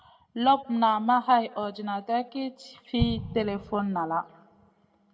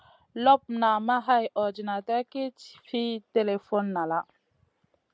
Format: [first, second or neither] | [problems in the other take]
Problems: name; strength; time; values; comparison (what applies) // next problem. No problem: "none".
second | background sound (Explosion); 7 dB below the speech // room echo; dies away in 0.2 s